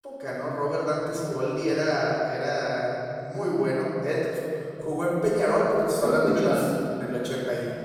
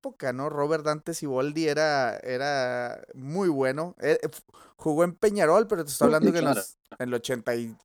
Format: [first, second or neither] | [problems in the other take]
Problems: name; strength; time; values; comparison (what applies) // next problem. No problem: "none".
second | off-mic speech; far // room echo; strong; dies away in 3 s